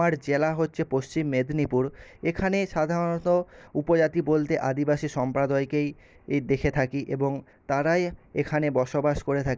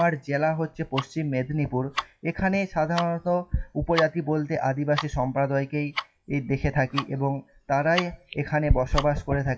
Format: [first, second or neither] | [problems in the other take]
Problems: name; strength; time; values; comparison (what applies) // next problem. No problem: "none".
first | noise reduction (classical method WPE with log-MMSE)